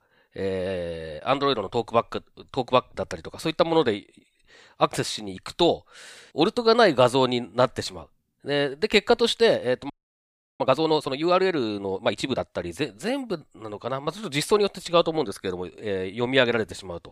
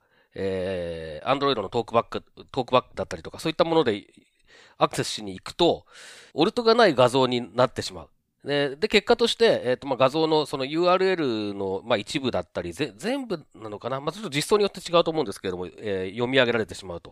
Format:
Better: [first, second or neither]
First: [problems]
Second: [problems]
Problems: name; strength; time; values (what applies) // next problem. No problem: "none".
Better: second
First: audio freezing; at 10 s for 0.5 s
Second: none